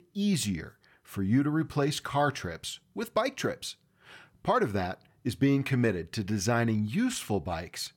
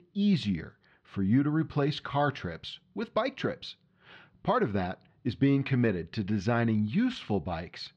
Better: first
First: none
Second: muffled; very slightly; fading above 4 kHz

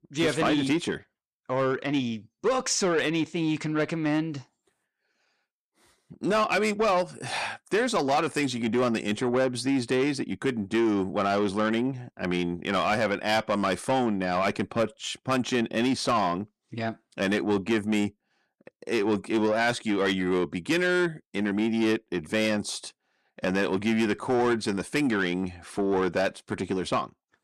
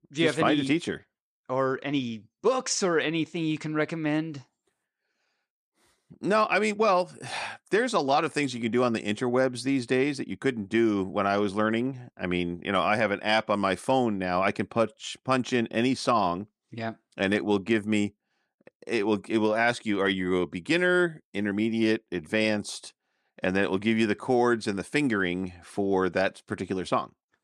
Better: second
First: distortion; slight; 10 dB below the speech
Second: none

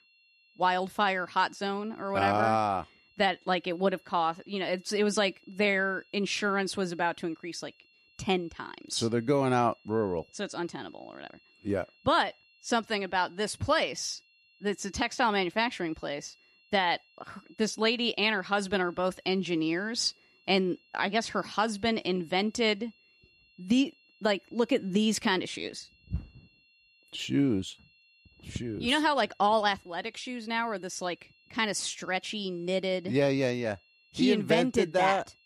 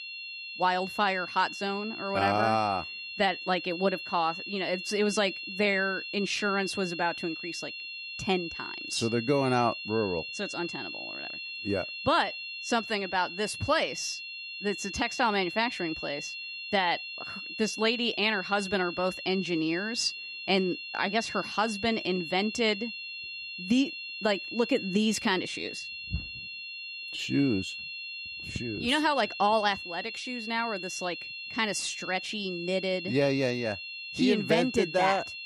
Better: first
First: high-pitched whine; faint; throughout; 2.5 kHz, 30 dB below the speech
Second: high-pitched whine; loud; throughout; 2.5 kHz, 8 dB below the speech

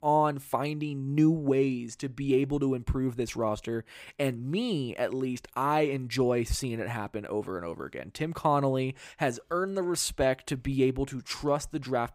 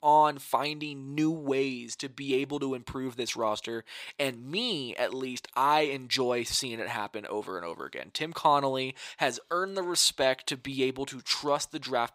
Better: first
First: none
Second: thin; somewhat; fading below 1 kHz

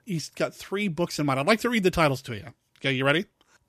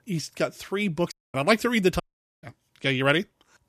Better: first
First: none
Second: audio cutting out; at 1 s and at 2 s

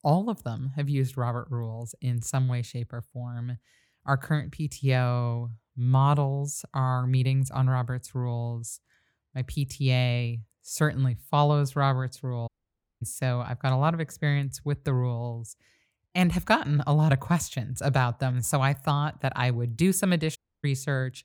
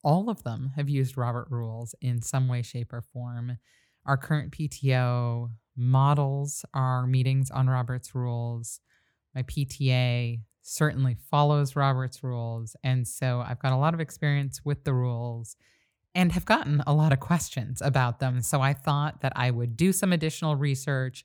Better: second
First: audio cutting out; at 12 s for 0.5 s and at 20 s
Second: none

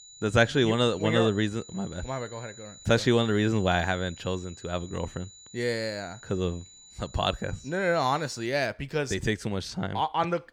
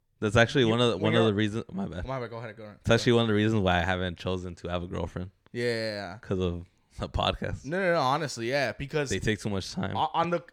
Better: second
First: high-pitched whine; noticeable; until 8.5 s; 7 kHz, 20 dB below the speech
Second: none

